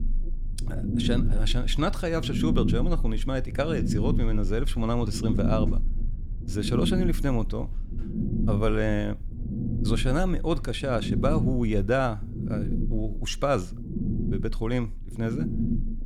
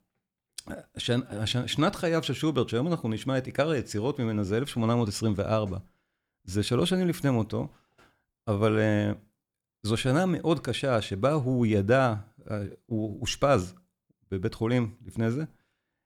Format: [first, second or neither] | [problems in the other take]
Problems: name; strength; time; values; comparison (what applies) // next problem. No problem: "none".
second | low rumble; loud; throughout; 7 dB below the speech